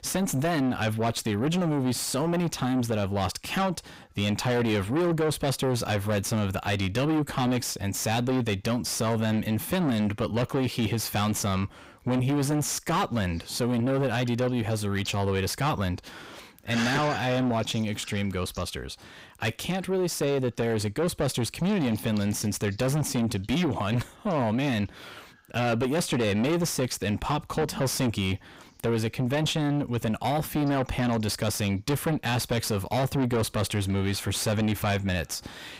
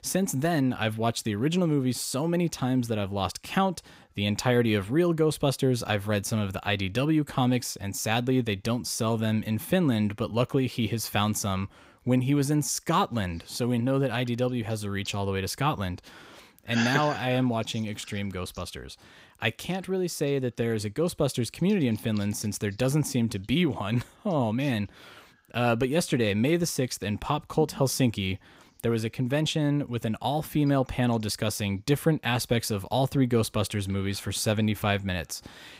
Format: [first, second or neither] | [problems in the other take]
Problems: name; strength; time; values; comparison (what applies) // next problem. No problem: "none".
second | distortion; heavy; 7 dB below the speech